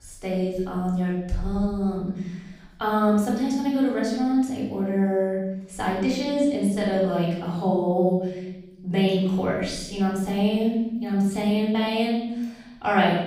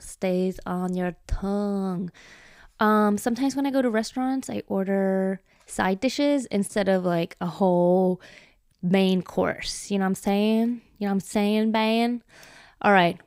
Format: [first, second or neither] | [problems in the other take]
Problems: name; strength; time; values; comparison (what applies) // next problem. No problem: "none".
second | off-mic speech; far // room echo; noticeable; dies away in 1 s